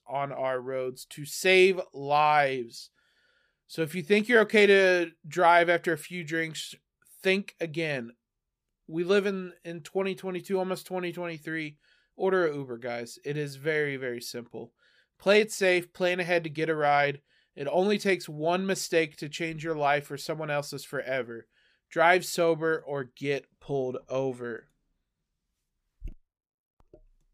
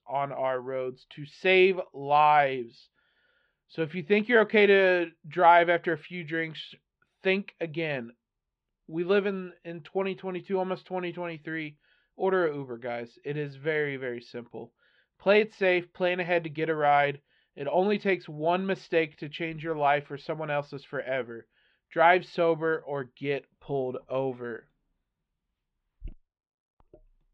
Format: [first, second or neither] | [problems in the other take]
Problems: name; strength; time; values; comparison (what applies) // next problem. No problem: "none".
first | muffled; slightly; fading above 3.5 kHz